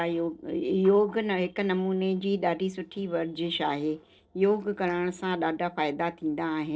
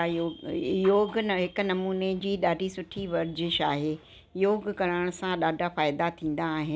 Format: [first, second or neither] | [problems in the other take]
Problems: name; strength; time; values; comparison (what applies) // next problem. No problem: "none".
second | noise reduction (neural separator model SepFormer DNS4)